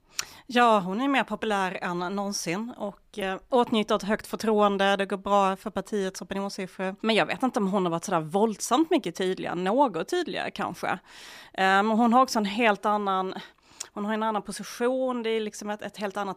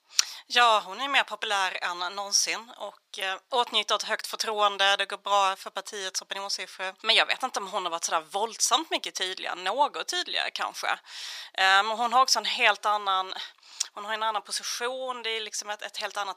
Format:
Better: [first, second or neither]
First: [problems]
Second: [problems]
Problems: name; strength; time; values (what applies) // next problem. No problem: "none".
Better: first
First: none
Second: thin; very; fading below 850 Hz